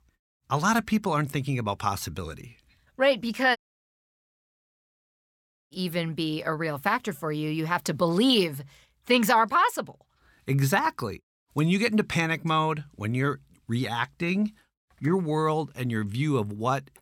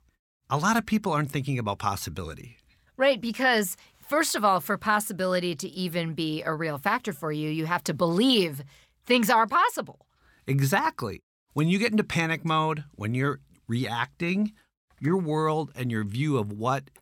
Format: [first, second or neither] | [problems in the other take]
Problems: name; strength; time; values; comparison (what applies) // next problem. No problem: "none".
second | audio cutting out; at 3.5 s for 2 s